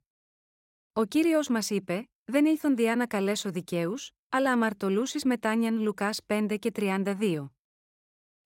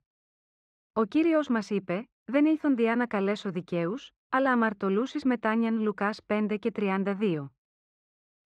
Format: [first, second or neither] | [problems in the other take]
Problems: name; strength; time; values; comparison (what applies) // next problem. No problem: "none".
first | muffled; slightly; fading above 2.5 kHz